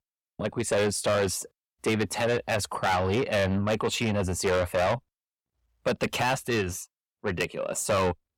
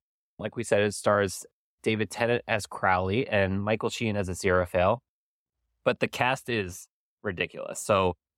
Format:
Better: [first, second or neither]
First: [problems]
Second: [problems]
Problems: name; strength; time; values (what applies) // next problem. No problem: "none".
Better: second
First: distortion; heavy; 6 dB below the speech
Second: none